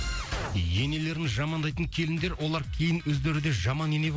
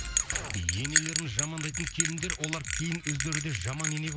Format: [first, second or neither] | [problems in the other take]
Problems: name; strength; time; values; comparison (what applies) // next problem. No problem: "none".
first | background sound (Bell); 2 dB above the speech